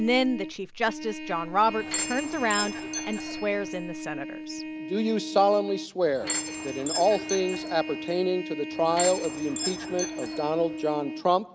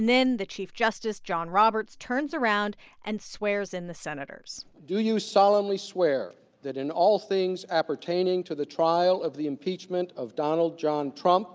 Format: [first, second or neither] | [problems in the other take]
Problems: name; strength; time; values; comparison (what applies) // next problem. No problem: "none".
second | background sound (Door / Chime + Trumpet); 7 dB below the speech